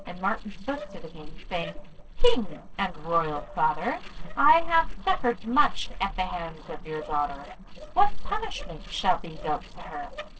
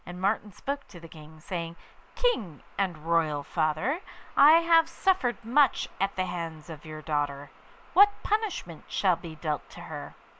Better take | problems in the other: second | noise reduction (neural separator model SepFormer DNS4)

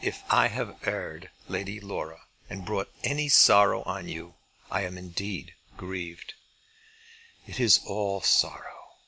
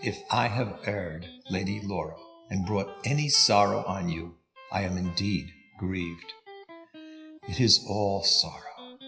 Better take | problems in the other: first | noise reduction (classical method WPE with log-MMSE)

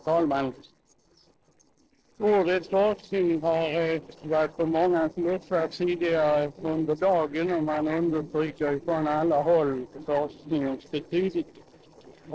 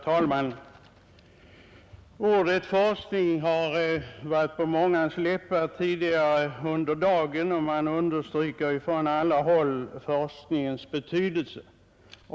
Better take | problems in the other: second | noise reduction (neural separator model SepFormer DNS4)

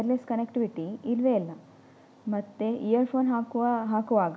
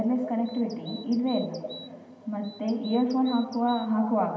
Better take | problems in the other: first | background sound (Bird vocalization, bird call, bird song); 19 dB below the speech // room echo; dies away in 2.3 s

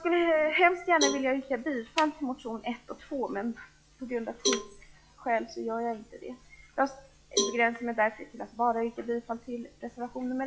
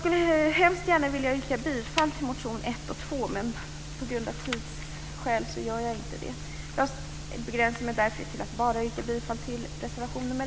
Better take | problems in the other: second | noise reduction (classical method log-MMSE)

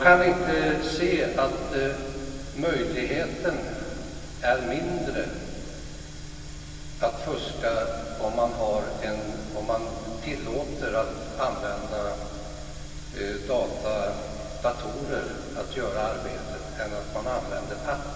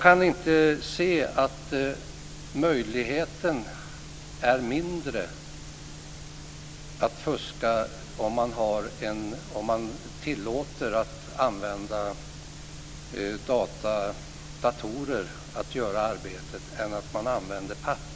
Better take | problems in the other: second | room echo; dies away in 2.6 s

